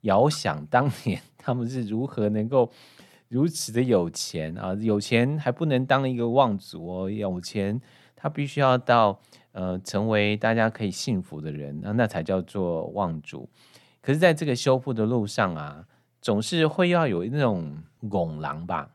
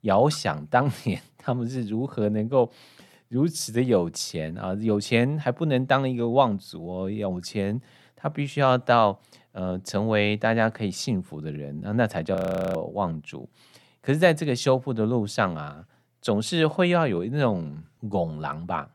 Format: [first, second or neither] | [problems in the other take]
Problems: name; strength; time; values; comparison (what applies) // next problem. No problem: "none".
first | audio freezing; at 12 s